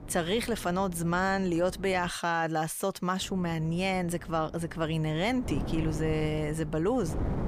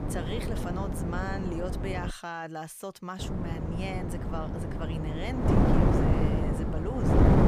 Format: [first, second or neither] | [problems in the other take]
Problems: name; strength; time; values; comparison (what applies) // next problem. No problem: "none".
first | wind noise on the microphone; heavy; until 2 s and from 3 s on; 3 dB above the speech; occasional gusts in the first